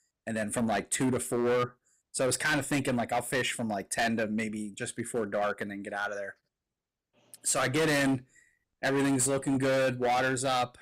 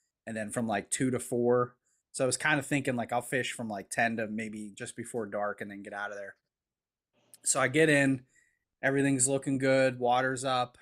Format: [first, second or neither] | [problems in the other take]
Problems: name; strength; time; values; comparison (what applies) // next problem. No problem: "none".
second | distortion; heavy; 13% of the sound clipped